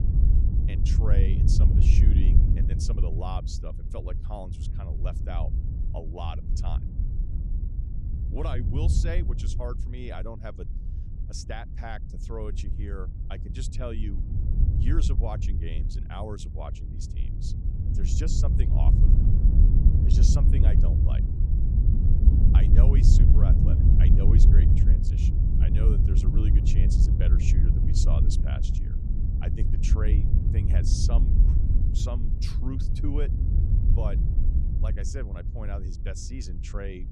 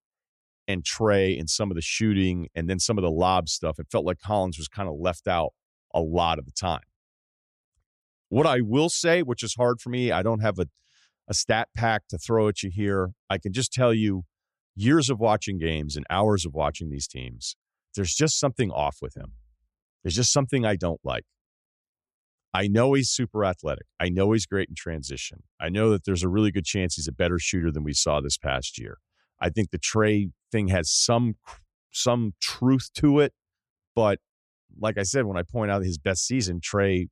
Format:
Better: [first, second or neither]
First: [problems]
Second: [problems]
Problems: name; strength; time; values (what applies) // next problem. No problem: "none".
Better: second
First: wind noise on the microphone; heavy; as loud as the speech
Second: none